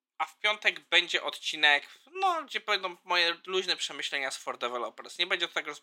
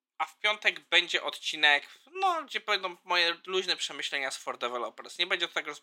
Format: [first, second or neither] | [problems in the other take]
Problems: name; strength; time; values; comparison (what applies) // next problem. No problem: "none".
neither | thin; very; fading below 400 Hz; the same in both